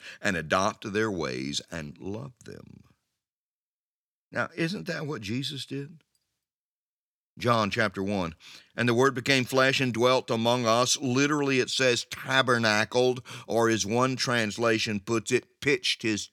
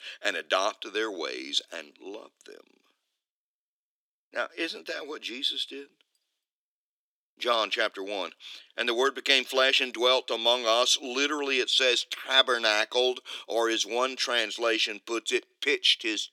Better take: first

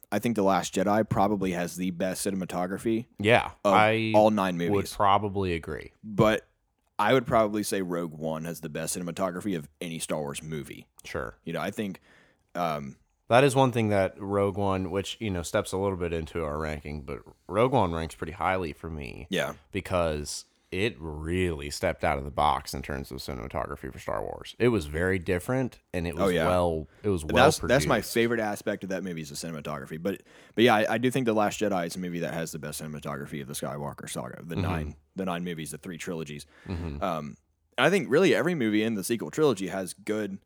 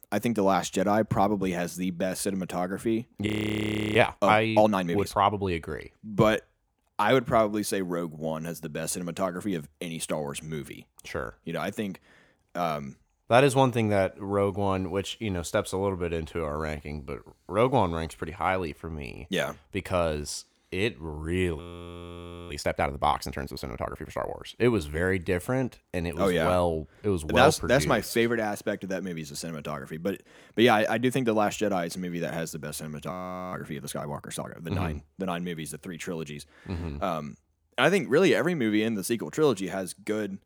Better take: first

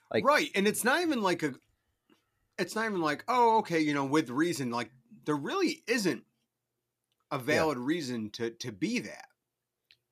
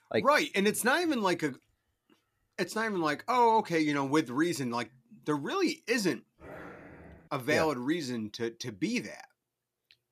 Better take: first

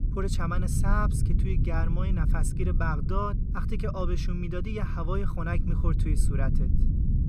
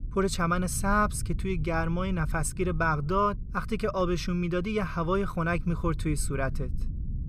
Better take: second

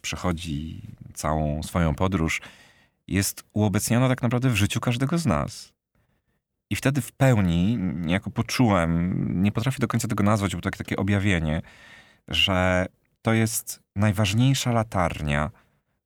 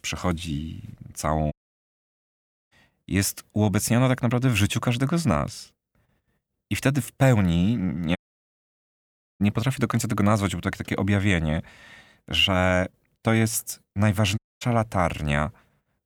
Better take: first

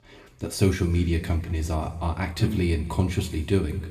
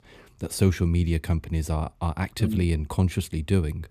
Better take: second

